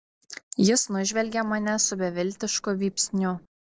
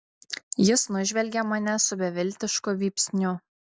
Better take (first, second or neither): second